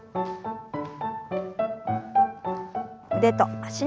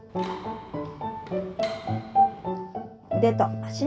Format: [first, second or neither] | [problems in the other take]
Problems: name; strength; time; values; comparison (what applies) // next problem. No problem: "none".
first | background sound (Mechanisms); 16 dB below the speech // room echo; dies away in 0.2 s